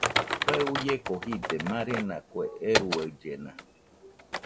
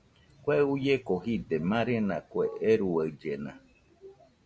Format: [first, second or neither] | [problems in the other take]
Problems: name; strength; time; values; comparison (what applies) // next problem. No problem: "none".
second | background sound (Typing); as loud as the speech